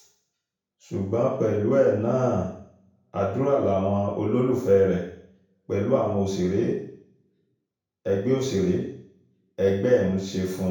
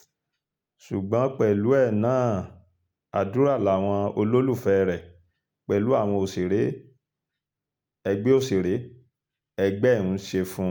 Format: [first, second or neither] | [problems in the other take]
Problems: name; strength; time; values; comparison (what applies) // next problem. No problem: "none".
second | room echo; dies away in 0.6 s